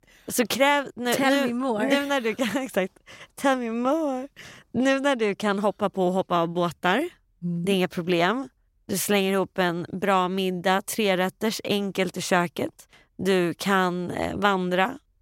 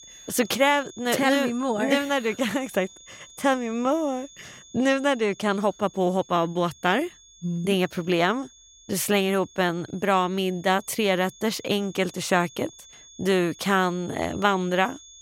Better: first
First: none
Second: high-pitched whine; faint; throughout; 6.5 kHz, 20 dB below the speech

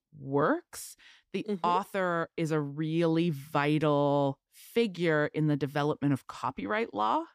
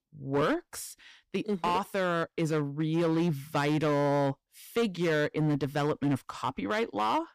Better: first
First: none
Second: distortion; slight; 11% of the sound clipped

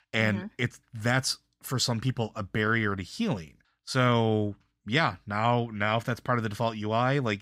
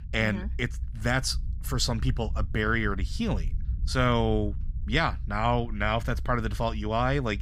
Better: first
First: none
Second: low rumble; faint; throughout; 25 dB below the speech

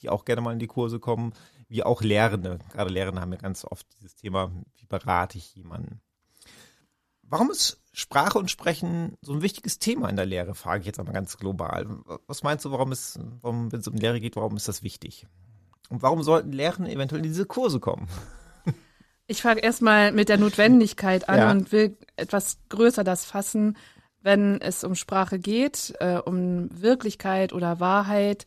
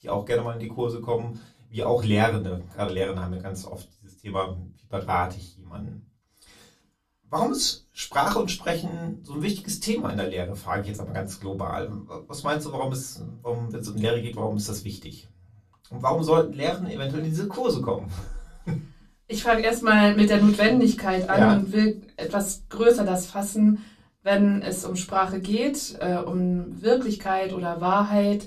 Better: first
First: none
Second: off-mic speech; far // room echo; very slight; dies away in 0.2 s

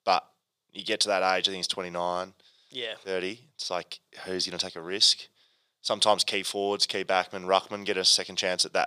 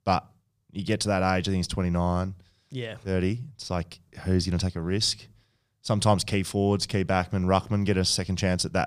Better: second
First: thin; very; fading below 500 Hz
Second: none

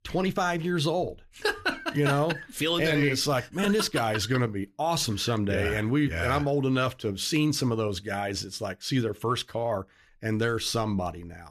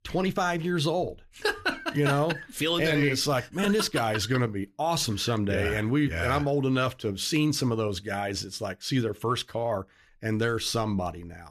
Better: neither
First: none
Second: none

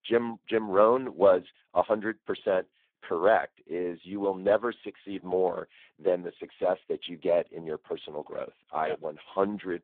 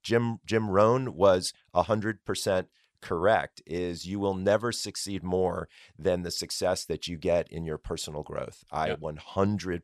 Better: second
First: phone-call audio; poor line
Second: none

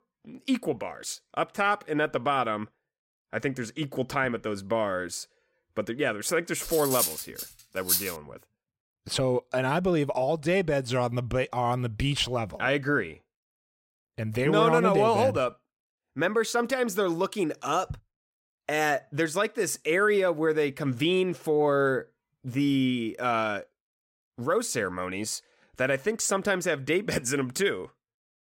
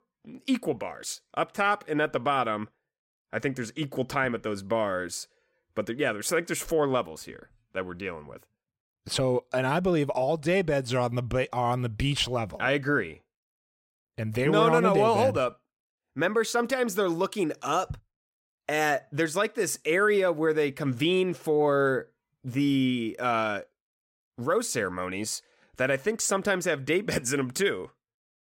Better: second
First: clattering dishes; loud; from 6.5 to 8 s; peak 2 dB above the speech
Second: none

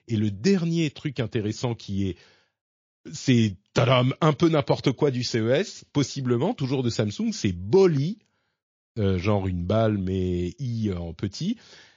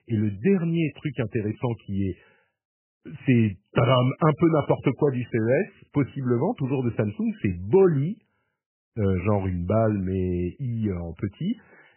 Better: first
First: garbled, watery; slightly; nothing above 6.5 kHz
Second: garbled, watery; badly; nothing above 3 kHz

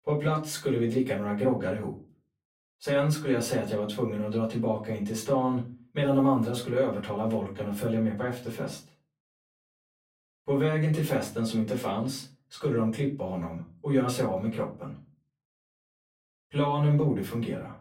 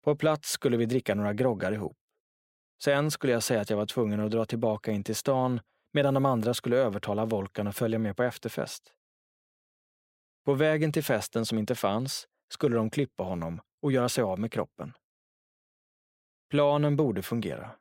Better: second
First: off-mic speech; far // room echo; slight; dies away in 0.3 s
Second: none

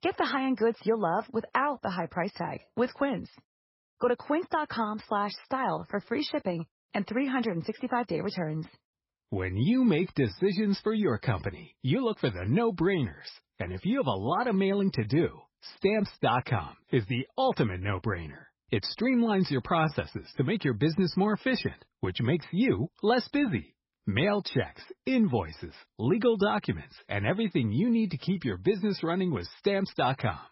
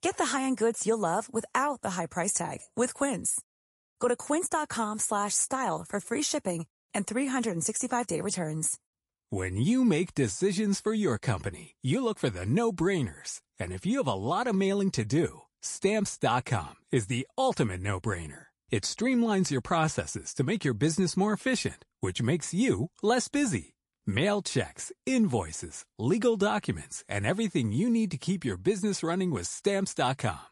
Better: second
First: garbled, watery; badly; nothing above 5.5 kHz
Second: garbled, watery; slightly; nothing above 11 kHz

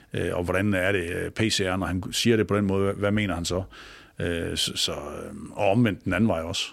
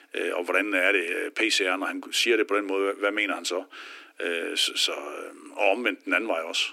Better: first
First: none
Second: thin; somewhat; fading below 300 Hz

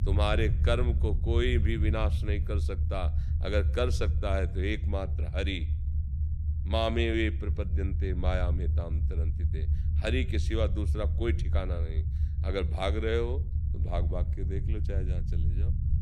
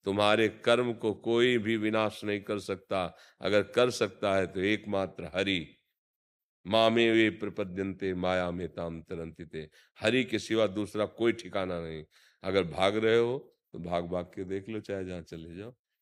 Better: second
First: low rumble; noticeable; throughout; 15 dB below the speech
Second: none

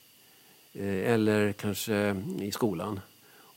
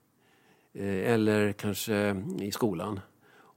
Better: second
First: hiss; faint; throughout; 25 dB below the speech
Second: none

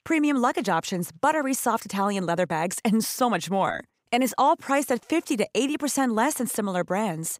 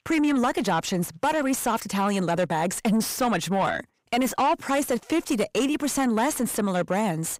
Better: first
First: none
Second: distortion; slight; 10 dB below the speech

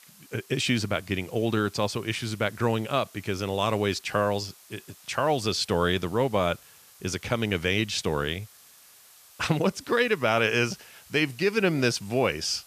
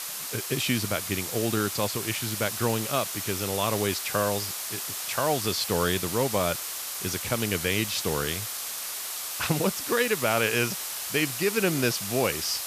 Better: first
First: hiss; faint; throughout; 25 dB below the speech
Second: hiss; loud; throughout; 3 dB below the speech

